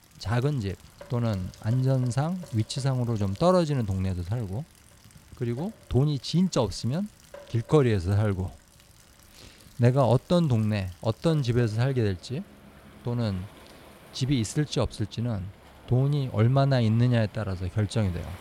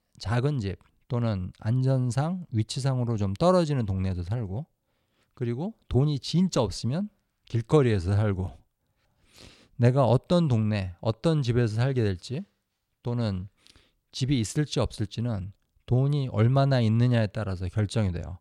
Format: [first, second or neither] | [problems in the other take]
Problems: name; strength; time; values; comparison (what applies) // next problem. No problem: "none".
second | rain or running water; faint; throughout; 25 dB below the speech